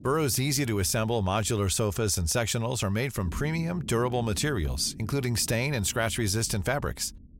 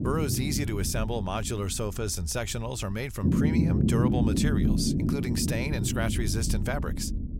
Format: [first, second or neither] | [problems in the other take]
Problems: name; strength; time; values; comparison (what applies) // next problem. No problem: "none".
first | low rumble; loud; throughout; 2 dB below the speech; faint in the first